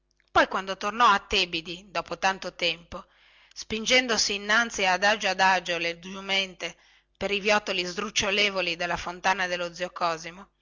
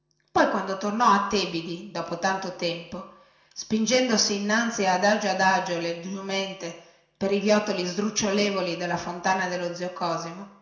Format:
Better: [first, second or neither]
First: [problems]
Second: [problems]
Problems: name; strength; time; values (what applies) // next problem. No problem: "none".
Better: first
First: none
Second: room echo; dies away in 0.7 s